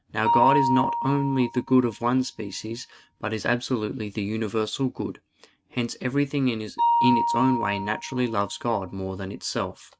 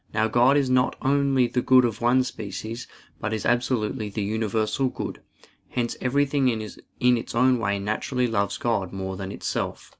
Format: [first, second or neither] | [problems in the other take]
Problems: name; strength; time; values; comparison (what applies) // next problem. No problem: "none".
second | noise reduction (neural mask model RNNoise)